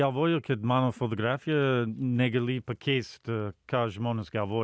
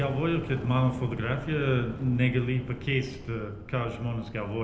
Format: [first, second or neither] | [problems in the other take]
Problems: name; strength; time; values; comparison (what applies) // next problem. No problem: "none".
first | background sound (Fire); 13 dB below the speech // room echo; dies away in 0.7 s